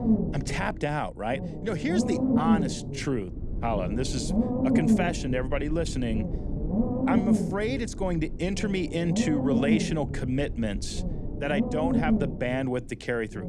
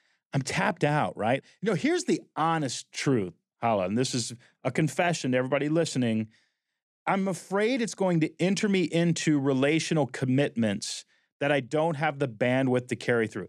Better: second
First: low rumble; loud; throughout; 2 dB below the speech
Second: none

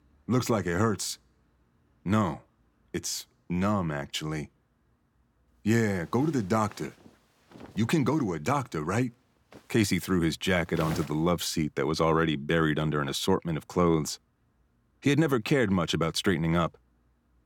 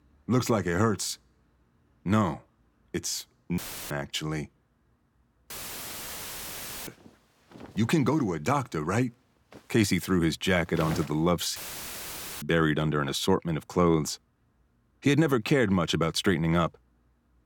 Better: first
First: none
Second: audio cutting out; filled with static; at 3.5 s, at 5.5 s for 1.5 s and at 12 s for 1 s

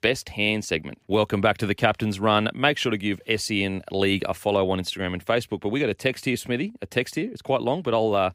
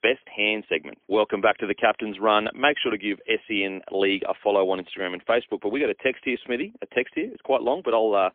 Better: first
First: none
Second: phone-call audio; poor line; nothing above 3.5 kHz

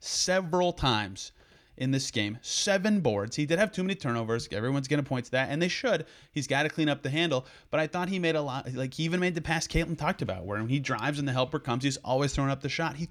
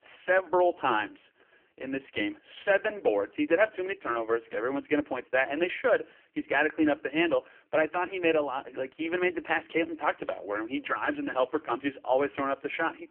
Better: first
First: none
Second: phone-call audio; poor line; nothing above 3 kHz

